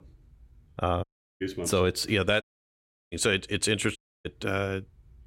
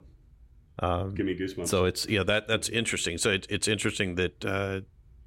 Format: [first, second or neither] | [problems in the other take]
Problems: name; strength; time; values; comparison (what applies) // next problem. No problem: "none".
second | audio cutting out; at 1 s, at 2.5 s for 0.5 s and at 4 s